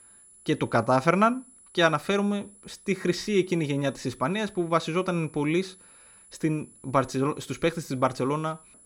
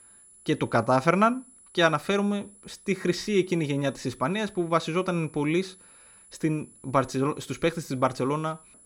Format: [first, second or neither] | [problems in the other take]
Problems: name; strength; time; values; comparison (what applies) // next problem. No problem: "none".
neither | high-pitched whine; faint; throughout; 10 kHz, 25 dB below the speech; the same in both